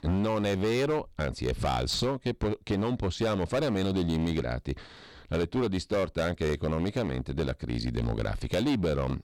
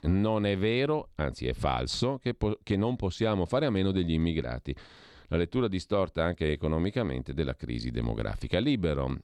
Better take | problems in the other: second | distortion; heavy; 14% of the sound clipped

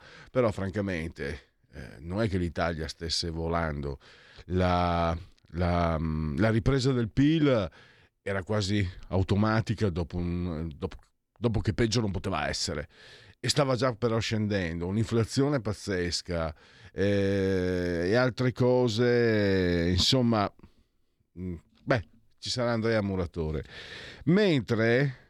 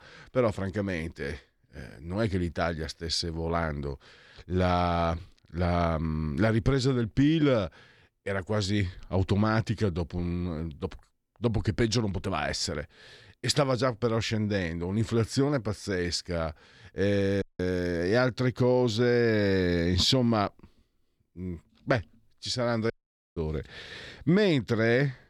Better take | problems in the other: first | audio cutting out; at 17 s and at 23 s

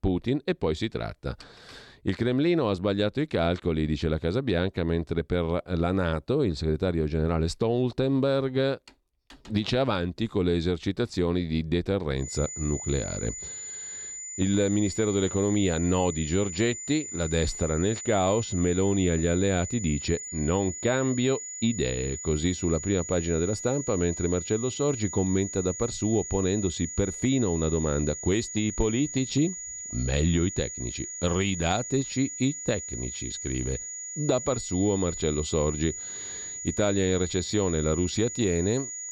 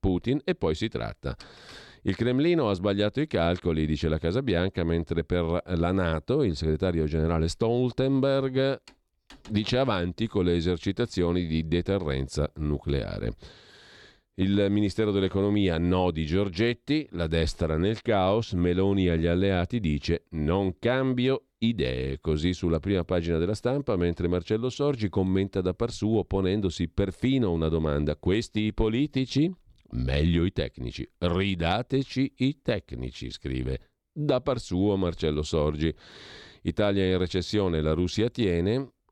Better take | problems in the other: second | high-pitched whine; loud; from 12 s on; 7 kHz, 7 dB below the speech

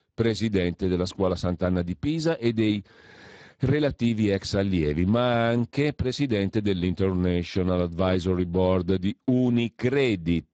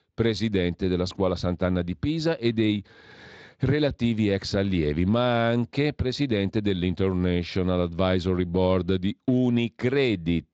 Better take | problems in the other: second | garbled, watery; badly; nothing above 7.5 kHz; slightly in the second

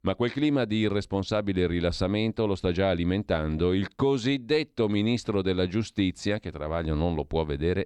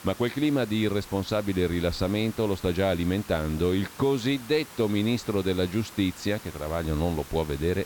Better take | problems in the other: first | hiss; noticeable; throughout; 15 dB below the speech

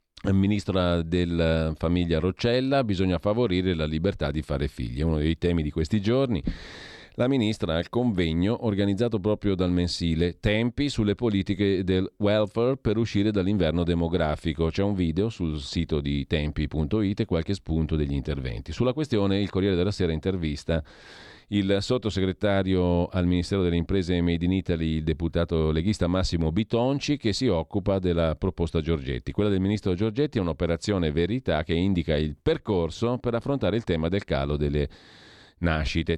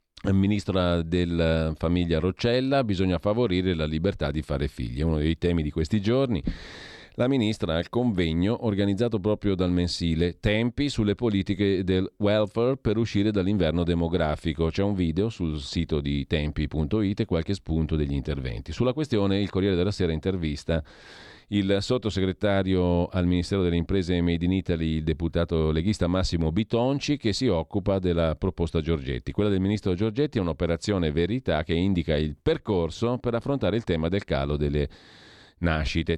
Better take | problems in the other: neither | none

